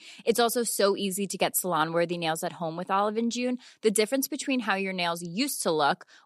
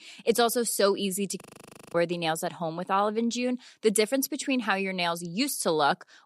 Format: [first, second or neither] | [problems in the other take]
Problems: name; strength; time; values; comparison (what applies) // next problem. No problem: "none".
first | audio freezing; at 1.5 s for 0.5 s